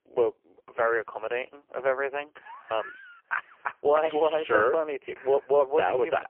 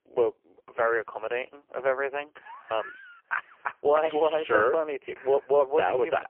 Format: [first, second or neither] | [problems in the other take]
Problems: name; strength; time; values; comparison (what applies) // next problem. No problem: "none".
neither | phone-call audio; poor line; nothing above 3 kHz; the same in both